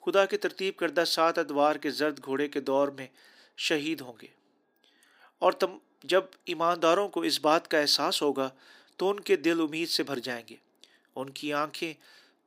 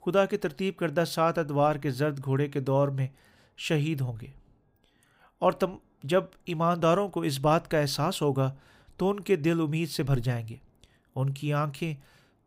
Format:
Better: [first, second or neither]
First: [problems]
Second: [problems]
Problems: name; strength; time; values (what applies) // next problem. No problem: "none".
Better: second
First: thin; somewhat; fading below 300 Hz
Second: none